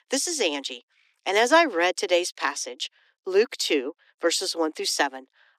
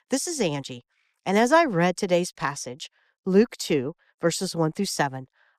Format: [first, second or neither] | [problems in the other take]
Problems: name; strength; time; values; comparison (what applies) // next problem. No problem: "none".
second | thin; somewhat; fading below 300 Hz